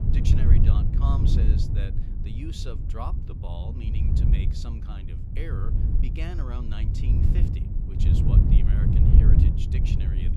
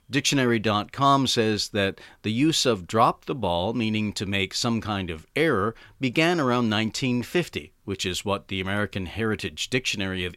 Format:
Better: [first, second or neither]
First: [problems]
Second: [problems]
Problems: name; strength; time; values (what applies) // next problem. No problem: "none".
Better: second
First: wind noise on the microphone; heavy; 3 dB above the speech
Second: none